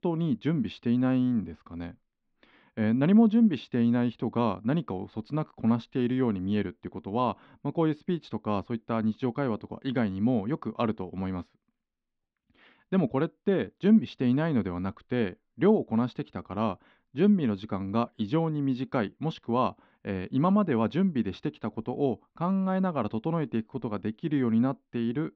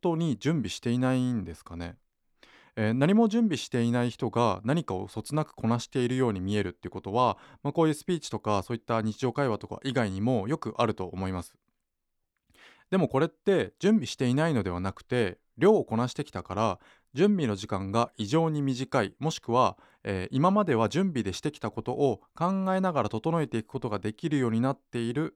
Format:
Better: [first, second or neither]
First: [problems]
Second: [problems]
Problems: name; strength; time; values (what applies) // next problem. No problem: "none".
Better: second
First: muffled; slightly; fading above 3.5 kHz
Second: none